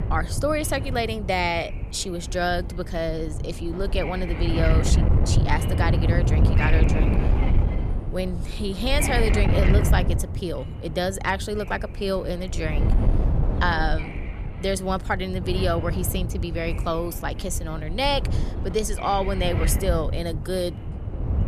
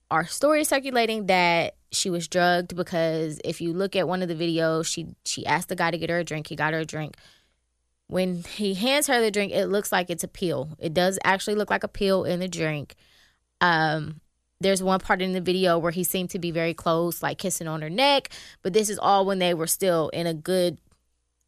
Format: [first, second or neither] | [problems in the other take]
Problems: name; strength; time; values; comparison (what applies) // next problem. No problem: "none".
second | wind noise on the microphone; heavy; 8 dB below the speech